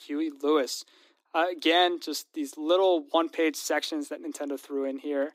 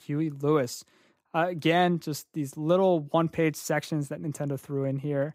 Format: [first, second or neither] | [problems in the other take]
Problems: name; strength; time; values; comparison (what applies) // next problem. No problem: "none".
second | thin; very slightly; fading below 250 Hz